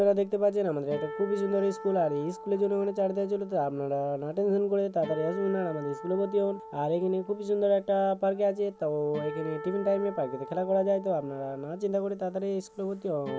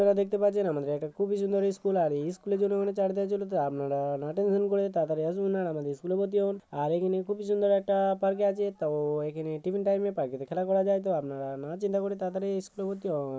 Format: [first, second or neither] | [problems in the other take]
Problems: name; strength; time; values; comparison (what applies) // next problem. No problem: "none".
second | background sound (Acoustic guitar); 14 dB below the speech